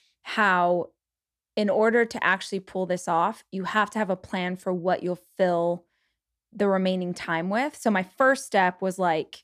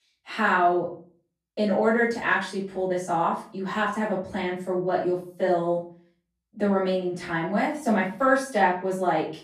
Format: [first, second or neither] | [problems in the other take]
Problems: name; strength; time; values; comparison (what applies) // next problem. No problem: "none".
first | off-mic speech; far // room echo; noticeable; dies away in 0.4 s